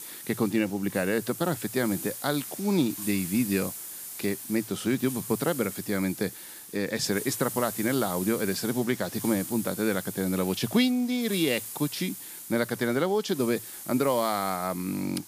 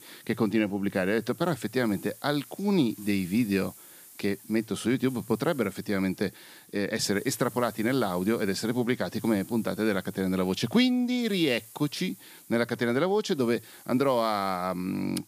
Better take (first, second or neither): second